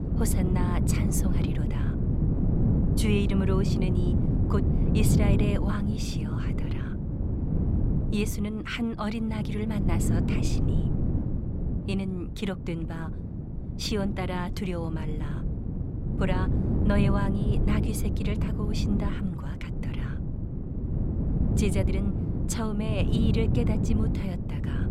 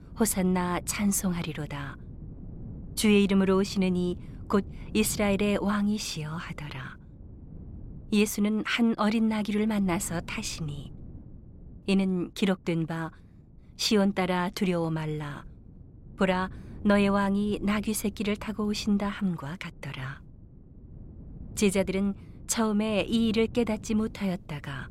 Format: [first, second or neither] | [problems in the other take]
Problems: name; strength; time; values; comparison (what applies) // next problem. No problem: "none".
second | wind noise on the microphone; heavy; 2 dB below the speech; occasional gusts in the second